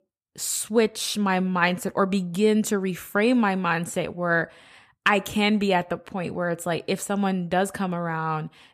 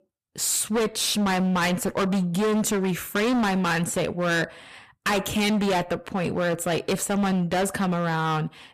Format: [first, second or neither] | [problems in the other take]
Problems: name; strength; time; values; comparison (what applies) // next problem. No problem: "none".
first | distortion; heavy; 25% of the sound clipped